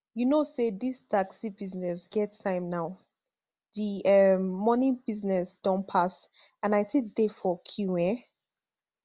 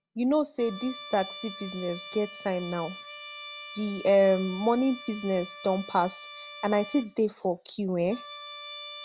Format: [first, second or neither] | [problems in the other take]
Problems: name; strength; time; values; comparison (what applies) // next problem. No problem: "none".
first | background sound (Trumpet); 14 dB below the speech